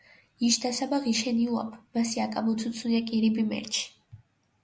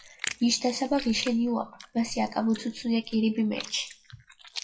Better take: first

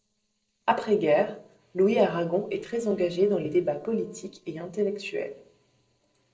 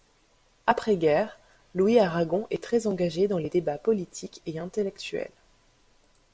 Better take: second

